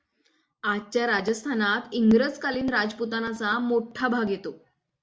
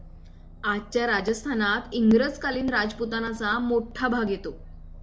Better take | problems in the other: first | background sound (Aircraft); 18 dB below the speech

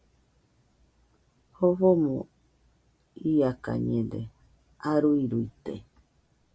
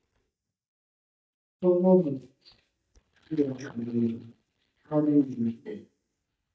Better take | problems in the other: first | noise reduction (neural mask model DeepFilterNet 3)

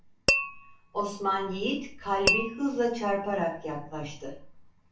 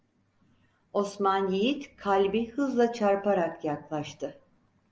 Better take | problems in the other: second | background sound (Tap / Glass); as loud as the speech // room echo; dies away in 0.3 s

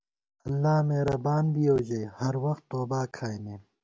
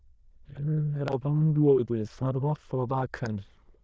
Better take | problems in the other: first | noise reduction (neural diffusion model UNIVERSE++)

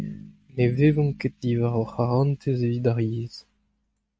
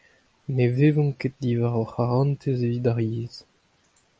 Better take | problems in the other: second | noise reduction (neural mask model RNNoise)

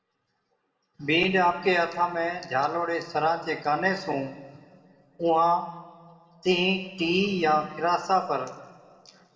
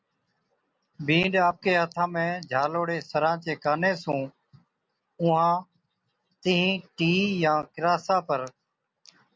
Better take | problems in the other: second | room echo; dies away in 1.5 s

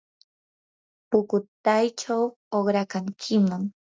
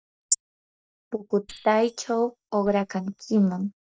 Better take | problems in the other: first | noise reduction (neural mask model DeepFilterNet 3)

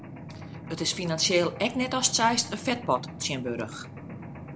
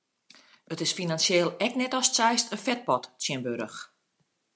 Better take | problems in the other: second | background sound (Mechanisms); 11 dB below the speech

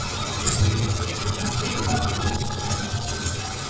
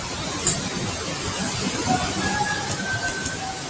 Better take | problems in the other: second | noise reduction (neural separator model SepFormer DNS4)

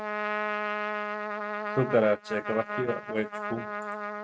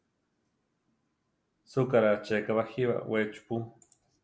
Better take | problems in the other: second | noise reduction (neural mask model RNNoise)

